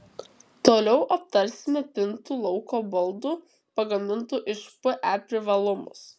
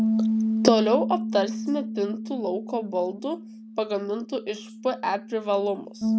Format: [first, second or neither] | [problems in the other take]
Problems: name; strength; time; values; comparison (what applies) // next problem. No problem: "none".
first | background sound (Bass guitar); 2 dB below the speech